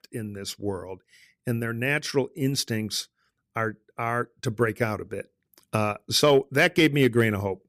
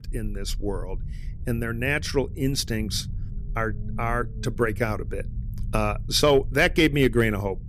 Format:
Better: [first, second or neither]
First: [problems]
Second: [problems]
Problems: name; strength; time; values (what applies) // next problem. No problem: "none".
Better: first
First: none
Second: low rumble; faint; throughout; 25 dB below the speech